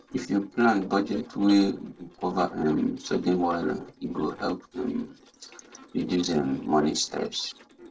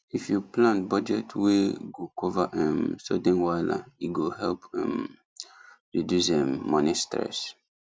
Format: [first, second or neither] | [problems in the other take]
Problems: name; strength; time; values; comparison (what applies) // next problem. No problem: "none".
second | noise reduction (neural separator model SepFormer DNS4)